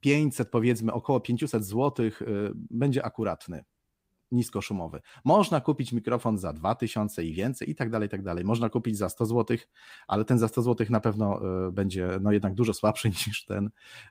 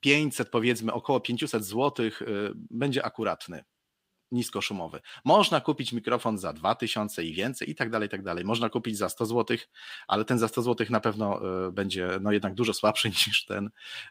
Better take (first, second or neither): first